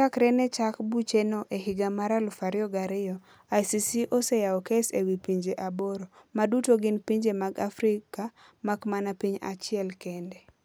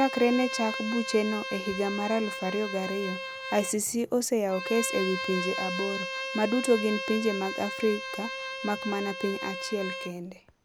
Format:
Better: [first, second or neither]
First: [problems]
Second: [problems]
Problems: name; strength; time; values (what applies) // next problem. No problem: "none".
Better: first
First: none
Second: background sound (Bowed string instrument); 6 dB below the speech